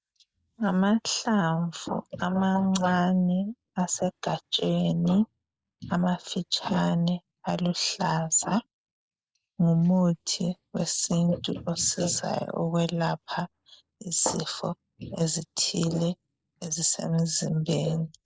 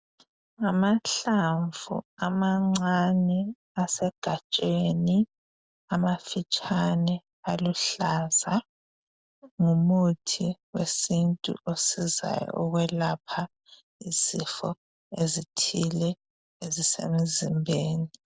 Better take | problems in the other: second | noise reduction (neural mask model Resemble Enhance denoiser)

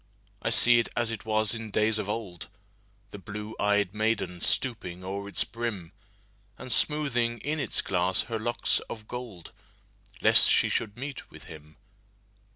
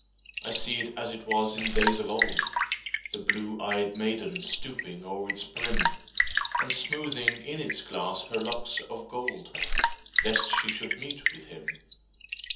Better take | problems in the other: first | background sound (Raindrop / Drip); 2 dB above the speech // room echo; dies away in 0.7 s

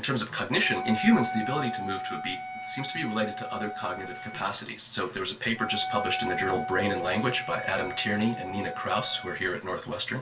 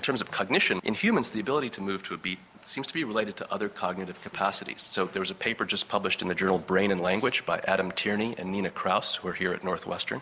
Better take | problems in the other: second | background sound (Wind instrument, woodwind instrument); 7 dB below the speech // room echo; dies away in 0.2 s

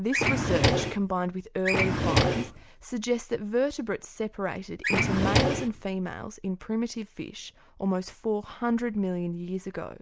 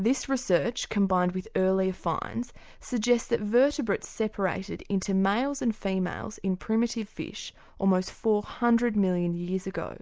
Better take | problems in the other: second | background sound (Drawer open or close); 4 dB above the speech

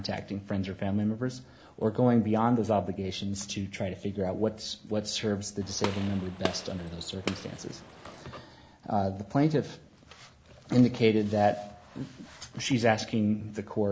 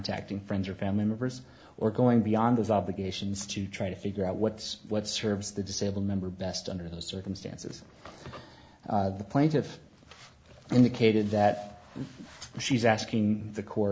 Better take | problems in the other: second | background sound (Gunshot, gunfire); 9 dB below the speech

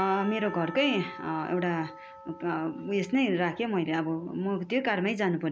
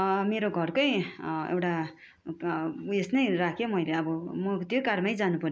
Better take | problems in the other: second | background sound (Church bell / Percussion); 17 dB below the speech

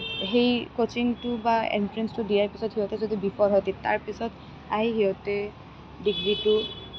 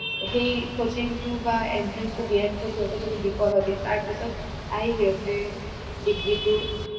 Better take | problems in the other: first | background sound (Boat, Water vehicle); 10 dB below the speech // room echo; dies away in 2.6 s

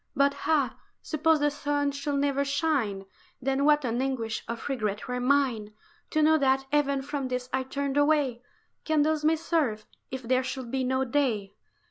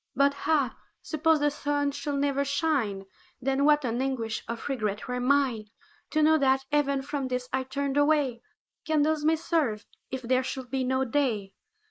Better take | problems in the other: first | noise reduction (neural mask model Resemble Enhance denoiser)

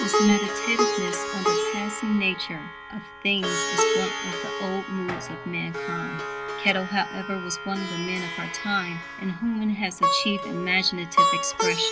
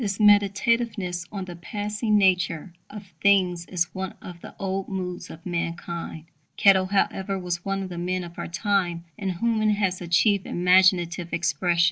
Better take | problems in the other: second | background sound (Plucked string instrument); as loud as the speech

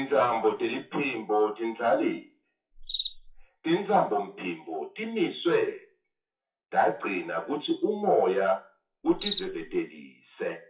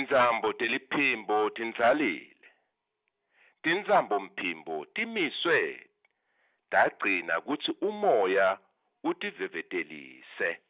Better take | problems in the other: second | noise reduction (classical method WPE with log-MMSE)

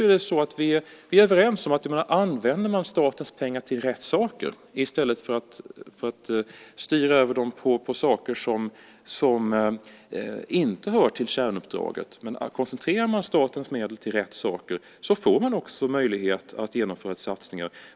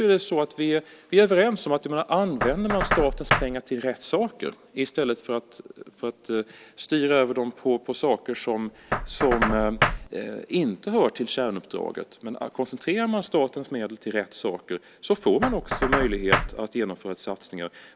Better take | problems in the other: first | background sound (Knock); 7 dB below the speech

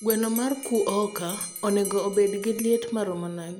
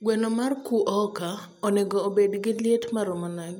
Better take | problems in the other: second | background sound (Bell); 13 dB below the speech

